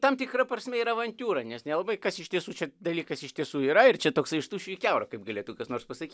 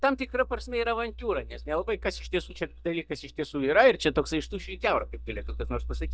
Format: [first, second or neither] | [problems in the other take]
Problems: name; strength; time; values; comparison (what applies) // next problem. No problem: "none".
first | noise reduction (neural mask model DeepFilterNet 3)